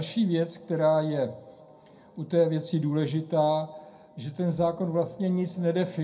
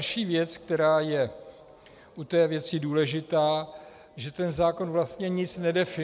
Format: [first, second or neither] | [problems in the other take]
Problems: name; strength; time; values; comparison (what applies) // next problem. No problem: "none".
second | room echo; dies away in 0.2 s